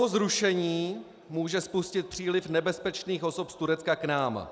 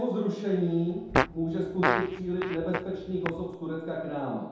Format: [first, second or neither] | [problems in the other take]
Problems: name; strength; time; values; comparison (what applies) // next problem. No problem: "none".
first | background sound (Fart); 3 dB below the speech // room echo; dies away in 0.8 s